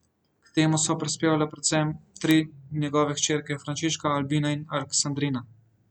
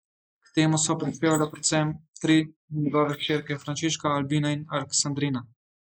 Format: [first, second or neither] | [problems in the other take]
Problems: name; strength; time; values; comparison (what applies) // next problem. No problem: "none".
first | noise reduction (neural mask model Resemble Enhance denoiser)